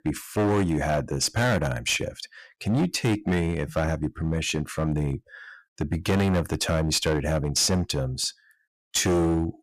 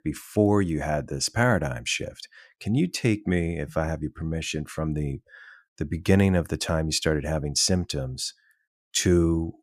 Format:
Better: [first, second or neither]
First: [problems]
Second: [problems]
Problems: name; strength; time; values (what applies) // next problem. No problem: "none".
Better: second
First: distortion; heavy; 12% of the sound clipped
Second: none